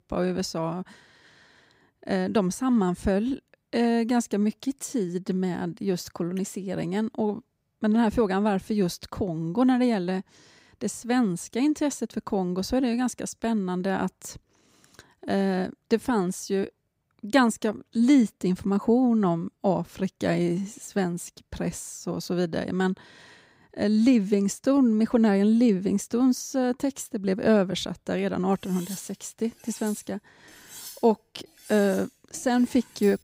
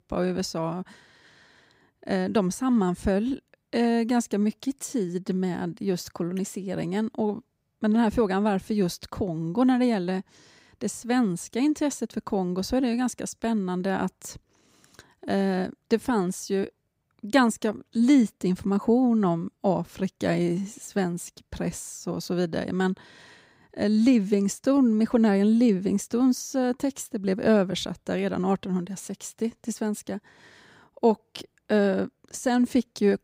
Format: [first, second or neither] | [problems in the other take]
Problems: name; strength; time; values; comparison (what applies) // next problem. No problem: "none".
second | clattering dishes; faint; from 29 s on; peak 15 dB below the speech